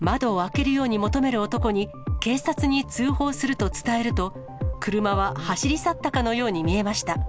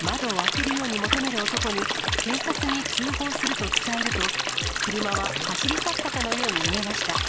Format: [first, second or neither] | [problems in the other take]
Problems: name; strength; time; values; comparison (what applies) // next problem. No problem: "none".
first | background sound (Stream); 3 dB above the speech